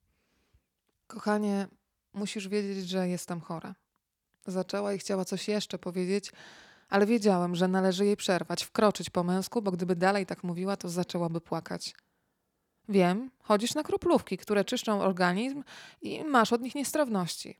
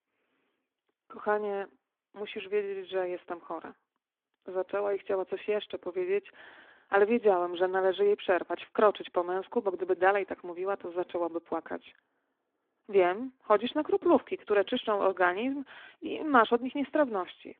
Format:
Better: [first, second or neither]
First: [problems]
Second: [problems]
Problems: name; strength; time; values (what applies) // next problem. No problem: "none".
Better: first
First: none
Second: phone-call audio; nothing above 3.5 kHz